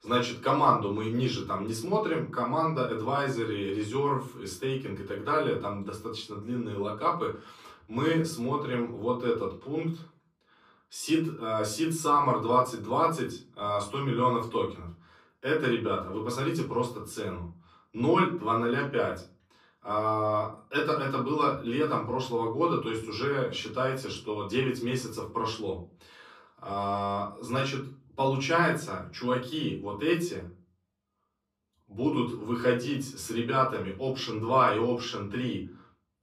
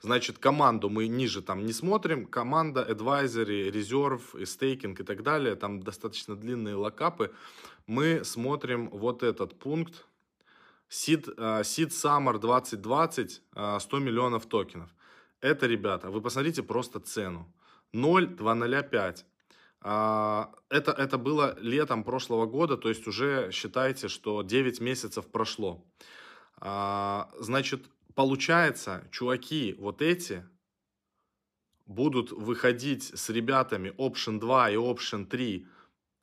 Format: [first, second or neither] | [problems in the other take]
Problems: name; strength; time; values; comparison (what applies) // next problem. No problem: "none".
second | off-mic speech; far // room echo; slight; dies away in 0.3 s